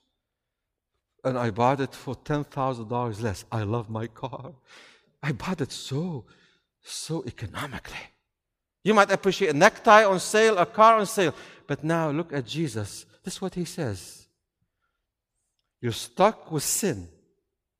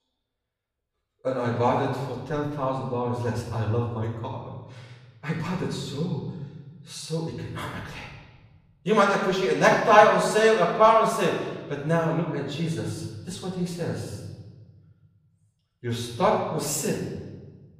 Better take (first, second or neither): first